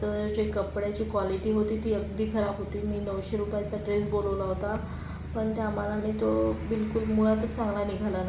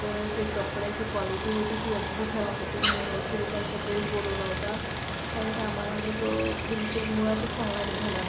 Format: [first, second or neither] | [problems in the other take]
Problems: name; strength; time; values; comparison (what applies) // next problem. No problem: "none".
first | background sound (Stream); 2 dB below the speech